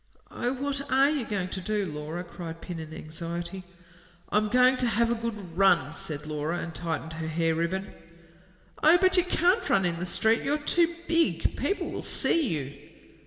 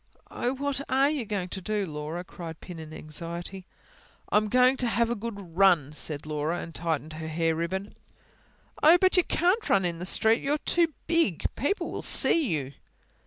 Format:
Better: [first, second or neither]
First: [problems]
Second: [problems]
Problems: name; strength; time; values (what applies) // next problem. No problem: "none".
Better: second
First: room echo; dies away in 1.7 s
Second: none